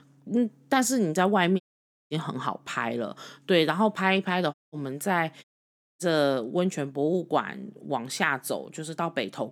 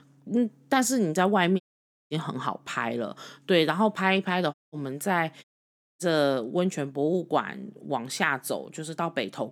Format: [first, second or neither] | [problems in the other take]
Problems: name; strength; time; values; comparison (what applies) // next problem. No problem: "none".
neither | audio cutting out; at 1.5 s for 0.5 s, at 4.5 s and at 5.5 s for 0.5 s; the same in both